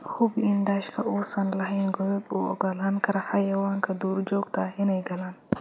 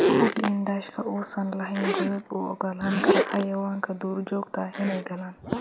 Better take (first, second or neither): first